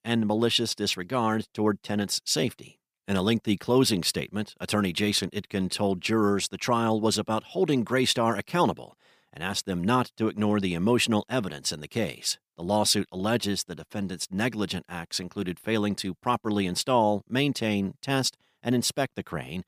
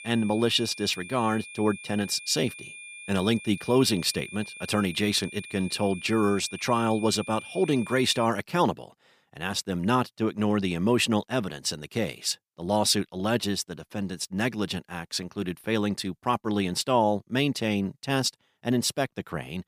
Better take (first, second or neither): first